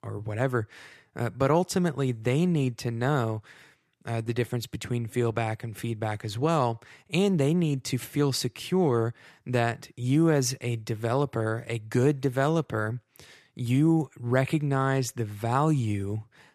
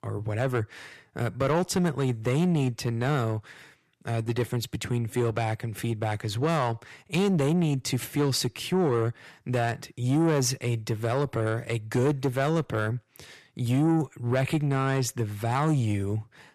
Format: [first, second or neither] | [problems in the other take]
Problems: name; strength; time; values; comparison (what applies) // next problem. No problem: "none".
first | distortion; slight; 10 dB below the speech